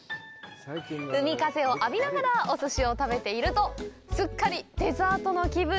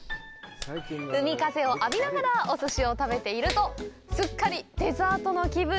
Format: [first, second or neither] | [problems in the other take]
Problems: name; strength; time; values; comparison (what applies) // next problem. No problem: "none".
first | background sound (Hands); 17 dB below the speech